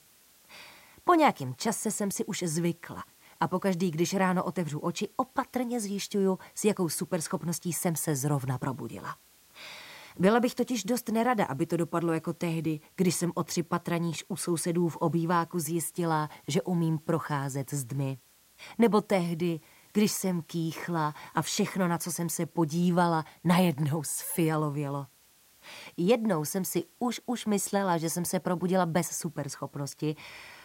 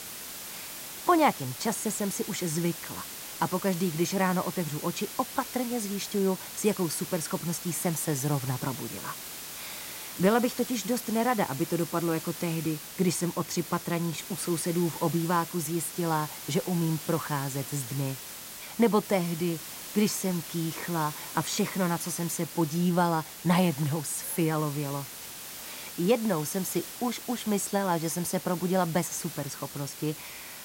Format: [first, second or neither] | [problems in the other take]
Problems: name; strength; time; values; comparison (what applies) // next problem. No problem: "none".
first | hiss; loud; throughout; 9 dB below the speech; faint in the first